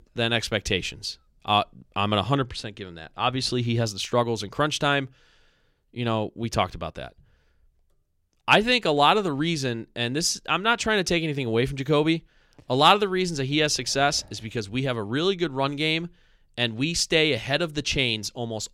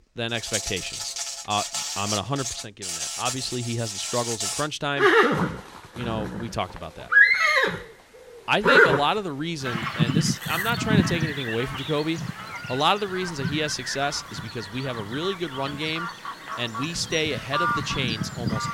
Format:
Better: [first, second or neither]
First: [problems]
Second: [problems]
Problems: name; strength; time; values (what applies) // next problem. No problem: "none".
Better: first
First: none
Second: animal sounds; very loud; throughout; 3 dB above the speech